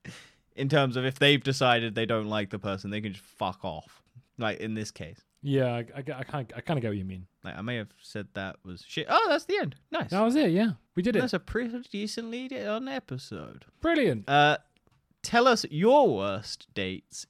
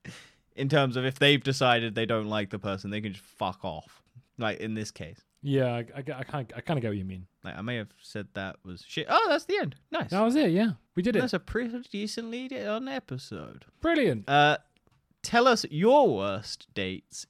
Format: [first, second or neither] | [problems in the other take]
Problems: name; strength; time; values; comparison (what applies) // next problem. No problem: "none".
neither | none